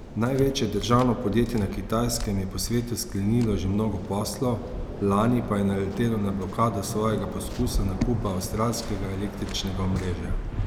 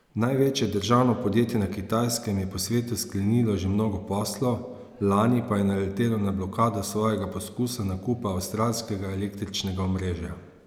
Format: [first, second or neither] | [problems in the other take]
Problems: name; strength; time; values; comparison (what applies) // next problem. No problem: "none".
second | background sound (Waves, surf); 7 dB below the speech